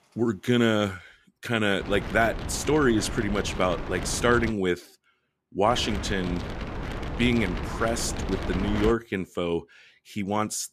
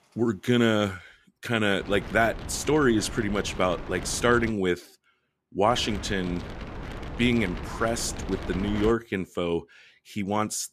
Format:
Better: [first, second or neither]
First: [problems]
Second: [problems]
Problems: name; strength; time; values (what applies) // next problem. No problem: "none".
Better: second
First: wind noise on the microphone; heavy; from 2 to 4.5 s and from 5.5 to 9 s; 10 dB below the speech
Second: wind noise on the microphone; occasional gusts; from 2 to 4.5 s and from 5.5 to 9 s; 15 dB below the speech